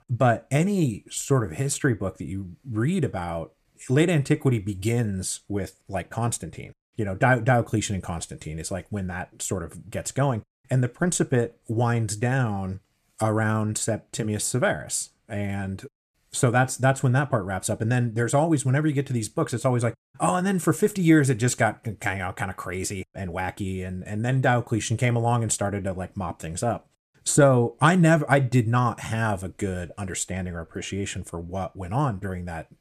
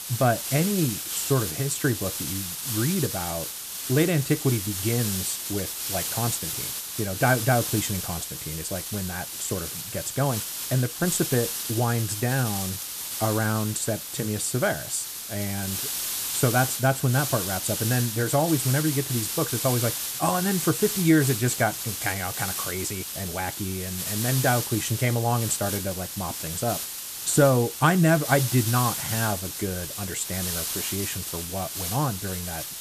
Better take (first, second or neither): first